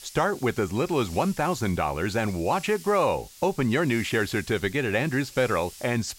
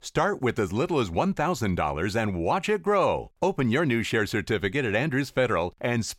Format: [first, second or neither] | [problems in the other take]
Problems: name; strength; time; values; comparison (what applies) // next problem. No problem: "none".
second | hiss; noticeable; throughout; 20 dB below the speech